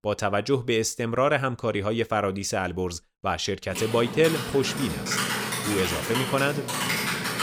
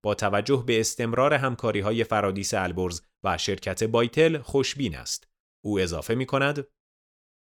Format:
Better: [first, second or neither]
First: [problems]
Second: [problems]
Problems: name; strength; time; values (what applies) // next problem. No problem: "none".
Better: second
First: keyboard typing; loud; from 3.5 s on; peak 1 dB above the speech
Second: none